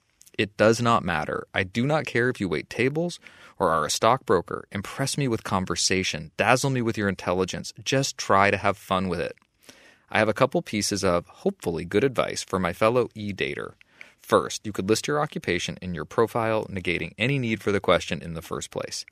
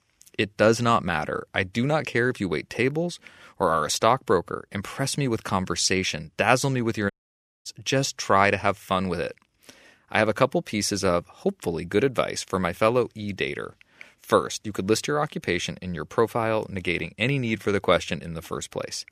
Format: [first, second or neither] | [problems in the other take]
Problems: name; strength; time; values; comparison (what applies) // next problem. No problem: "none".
first | audio cutting out; at 7 s for 0.5 s